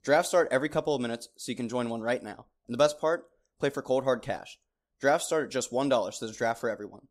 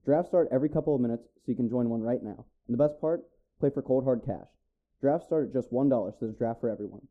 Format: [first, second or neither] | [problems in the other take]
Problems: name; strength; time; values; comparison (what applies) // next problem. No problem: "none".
first | muffled; very; fading above 1 kHz